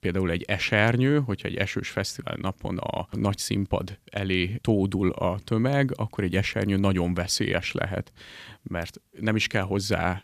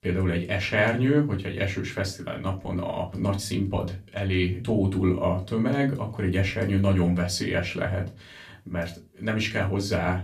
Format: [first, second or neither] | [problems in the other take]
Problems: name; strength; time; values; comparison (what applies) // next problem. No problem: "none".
first | off-mic speech; far // room echo; very slight; dies away in 0.2 s